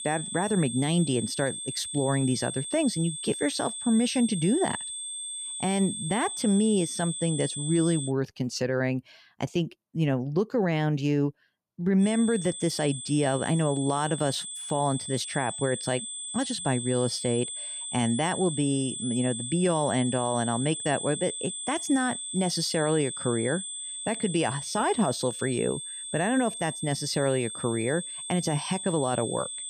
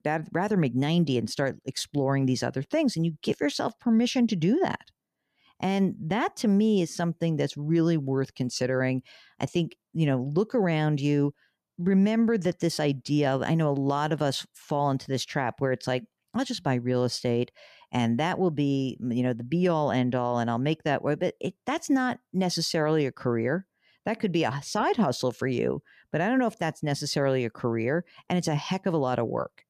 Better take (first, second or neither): second